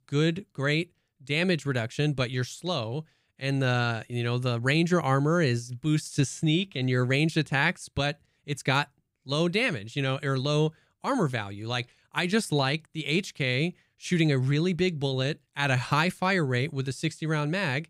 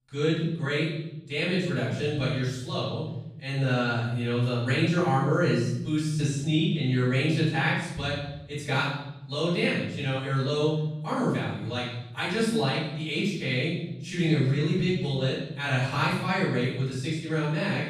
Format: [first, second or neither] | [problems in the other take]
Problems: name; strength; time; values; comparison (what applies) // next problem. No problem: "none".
first | off-mic speech; far // room echo; strong; dies away in 0.9 s